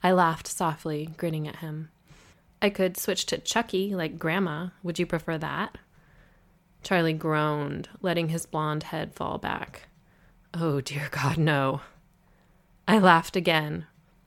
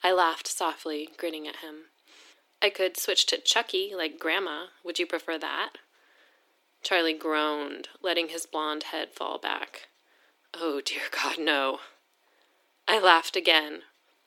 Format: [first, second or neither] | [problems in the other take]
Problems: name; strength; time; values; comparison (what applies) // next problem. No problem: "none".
first | thin; very; fading below 300 Hz